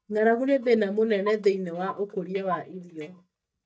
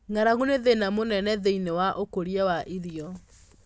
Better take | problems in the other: second | noise reduction (neural mask model DeepFilterNet 3)

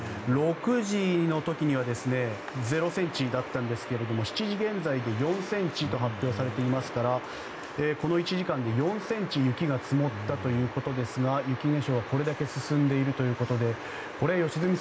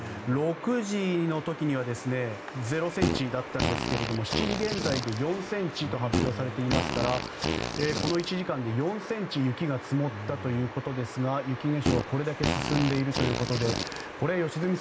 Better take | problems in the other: first | background sound (Fart); 3 dB below the speech

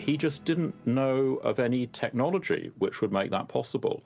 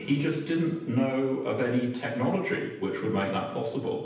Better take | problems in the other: first | room echo; dies away in 0.9 s

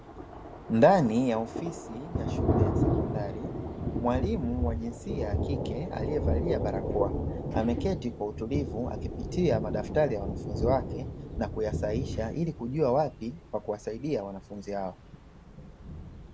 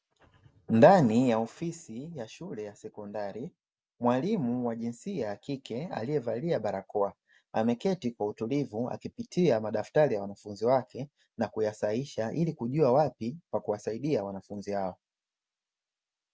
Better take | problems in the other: second | background sound (Thunder); 2 dB below the speech

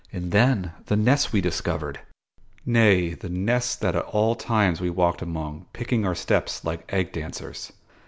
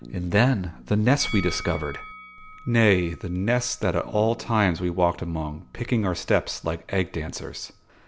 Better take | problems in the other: first | background sound (Bell + Bass guitar); 19 dB below the speech

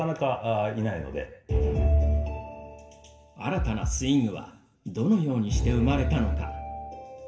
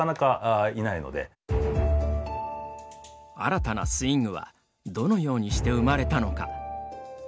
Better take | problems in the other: second | room echo; dies away in 0.7 s

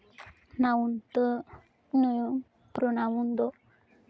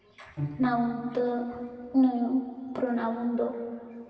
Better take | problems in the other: first | background sound (Bowed string instrument); 13 dB below the speech // room echo; dies away in 2.6 s

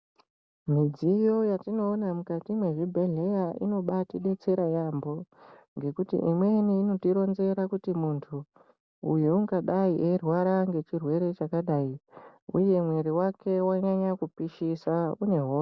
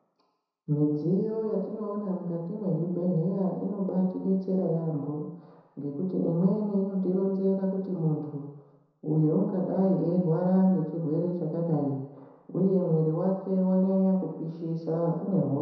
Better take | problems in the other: first | room echo; dies away in 1 s

